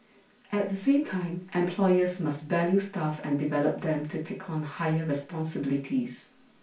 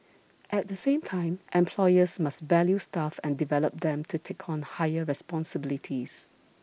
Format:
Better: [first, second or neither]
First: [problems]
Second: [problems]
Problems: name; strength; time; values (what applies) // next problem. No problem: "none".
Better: second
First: room echo; dies away in 0.3 s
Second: none